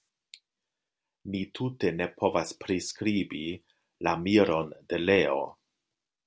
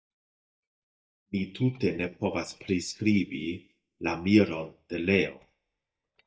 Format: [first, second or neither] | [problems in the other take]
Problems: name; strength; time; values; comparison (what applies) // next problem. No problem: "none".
first | noise reduction (neural mask model DeepFilterNet 3)